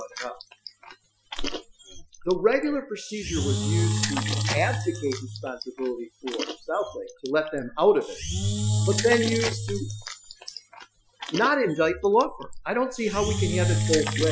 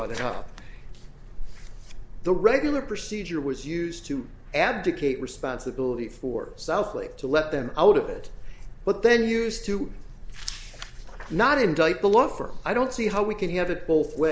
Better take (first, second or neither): second